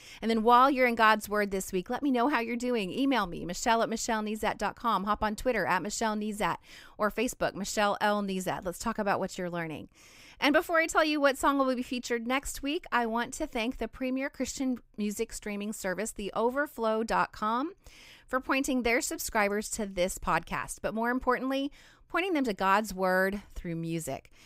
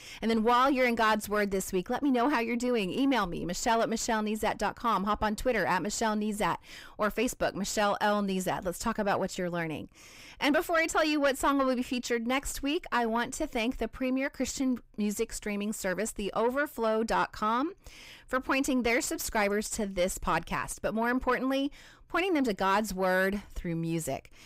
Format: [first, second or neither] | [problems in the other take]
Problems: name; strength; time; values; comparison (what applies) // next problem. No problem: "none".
first | distortion; slight; 10 dB below the speech